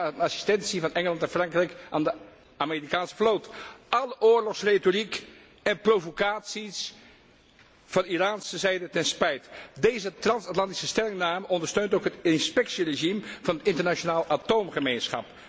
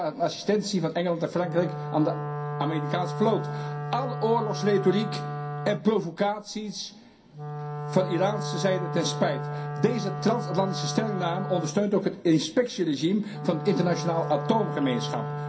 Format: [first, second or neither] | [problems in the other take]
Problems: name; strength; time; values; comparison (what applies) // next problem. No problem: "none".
first | background sound (Wind instrument, woodwind instrument); 6 dB below the speech // room echo; dies away in 0.3 s